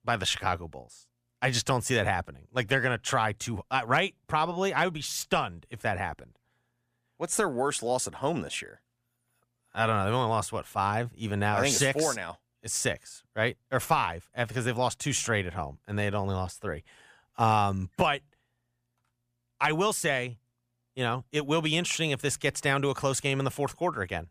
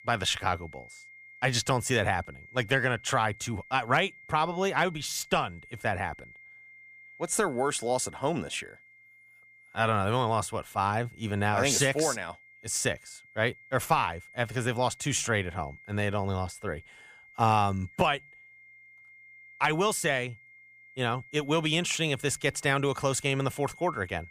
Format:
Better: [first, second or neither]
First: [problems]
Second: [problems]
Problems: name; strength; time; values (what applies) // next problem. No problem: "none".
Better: first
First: none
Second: high-pitched whine; faint; throughout; 2 kHz, 20 dB below the speech